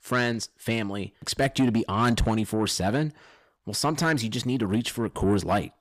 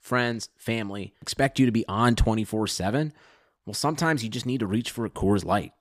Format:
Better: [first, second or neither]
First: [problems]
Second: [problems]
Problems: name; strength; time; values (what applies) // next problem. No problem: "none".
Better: second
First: distortion; slight; 10 dB below the speech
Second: none